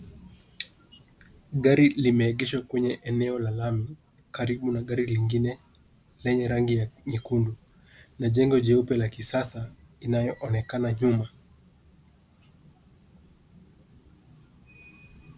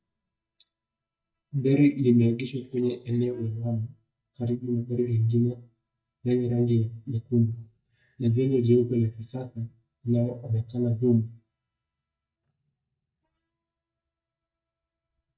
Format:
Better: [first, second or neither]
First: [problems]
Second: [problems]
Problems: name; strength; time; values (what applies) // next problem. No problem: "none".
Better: first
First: none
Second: noise reduction (neural mask model DeepFilterNet 3)